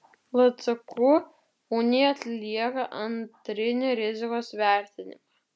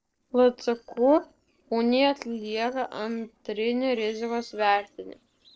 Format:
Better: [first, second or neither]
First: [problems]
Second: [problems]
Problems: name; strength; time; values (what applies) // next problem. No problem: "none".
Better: first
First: none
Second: noise reduction (neural separator model SepFormer DNS4)